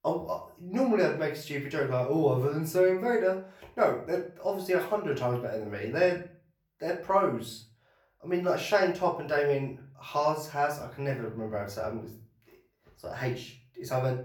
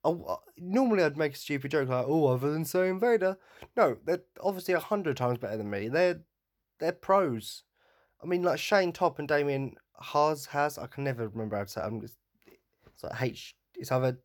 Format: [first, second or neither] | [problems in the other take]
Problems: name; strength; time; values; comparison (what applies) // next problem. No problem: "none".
second | room echo; slight; dies away in 0.3 s // off-mic speech; far